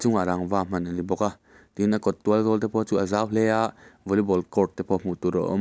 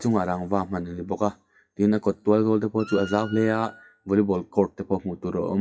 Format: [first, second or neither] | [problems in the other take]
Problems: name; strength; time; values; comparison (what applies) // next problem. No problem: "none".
first | noise reduction (classical method WPE with log-MMSE)